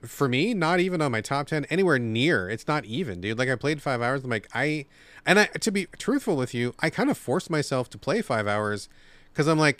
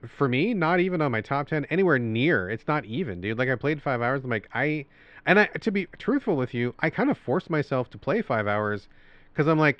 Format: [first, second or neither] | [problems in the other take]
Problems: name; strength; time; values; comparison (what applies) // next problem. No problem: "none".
first | muffled; slightly; fading above 3 kHz